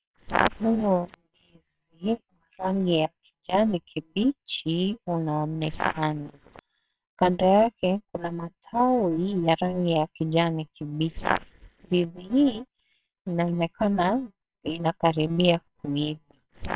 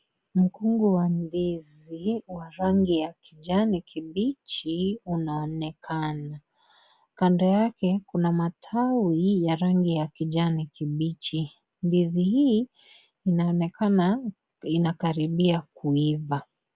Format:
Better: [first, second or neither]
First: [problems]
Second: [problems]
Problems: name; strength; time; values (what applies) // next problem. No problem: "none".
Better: second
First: noise reduction (neural separator model SepFormer WHAMR!)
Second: none